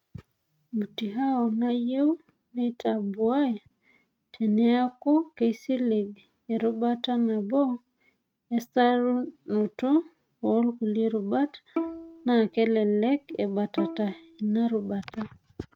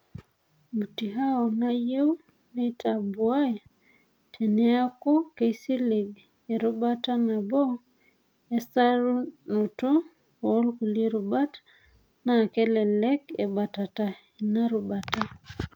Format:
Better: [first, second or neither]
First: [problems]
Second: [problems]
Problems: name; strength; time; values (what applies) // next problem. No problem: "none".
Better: second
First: noise reduction (neural mask model RNNoise)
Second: none